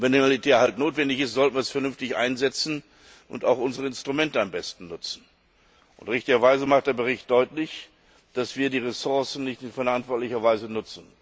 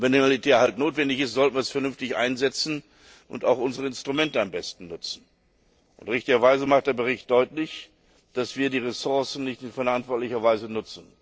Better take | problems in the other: first | noise reduction (neural separator model SepFormer DNS4)

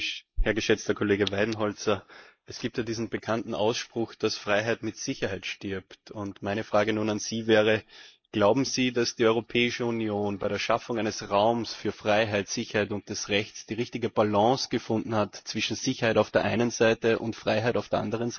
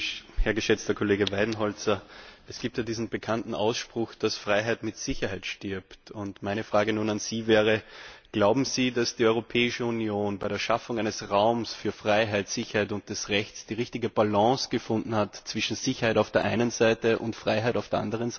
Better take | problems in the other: second | noise reduction (neural mask model Resemble Enhance denoiser)

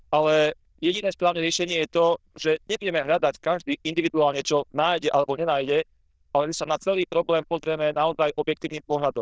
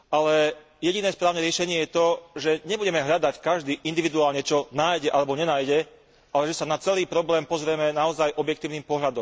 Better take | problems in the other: second | noise reduction (neural diffusion model UNIVERSE++)

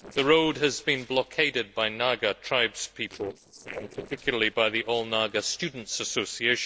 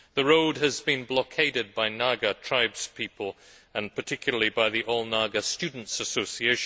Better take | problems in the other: second | noise reduction (neural separator model SepFormer DNS4)

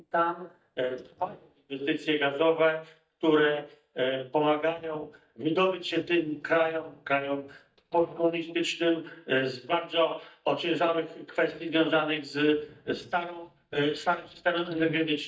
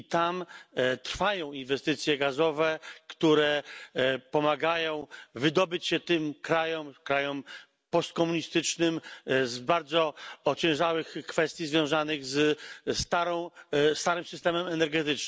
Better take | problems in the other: second | noise reduction (neural mask model DeepFilterNet 3)

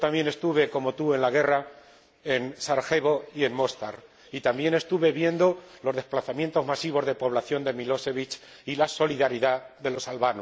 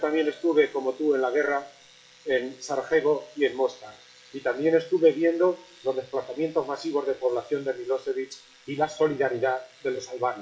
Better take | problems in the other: first | noise reduction (classical method WPE with log-MMSE)

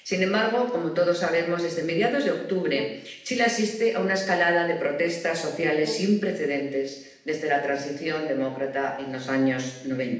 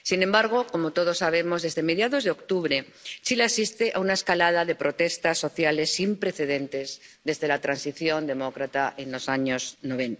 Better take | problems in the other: second | background sound (Brass instrument); 17 dB below the speech // room echo; dies away in 0.8 s

